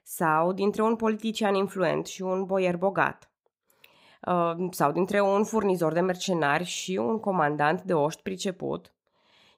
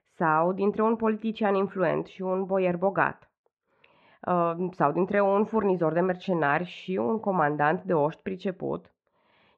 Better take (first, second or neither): first